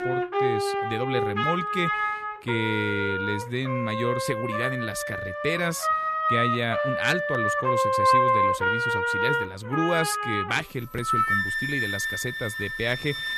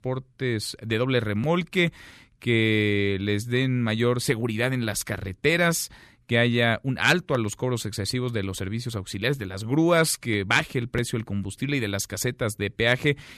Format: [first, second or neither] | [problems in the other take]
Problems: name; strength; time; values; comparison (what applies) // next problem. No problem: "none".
second | background music; very loud; throughout; 3 dB above the speech